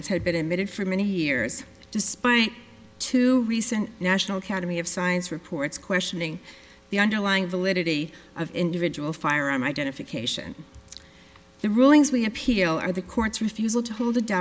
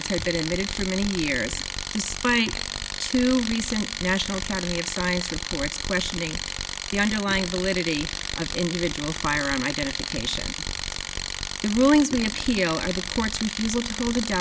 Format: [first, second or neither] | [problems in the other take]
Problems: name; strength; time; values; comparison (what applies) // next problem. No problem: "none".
first | background sound (Tools); 5 dB below the speech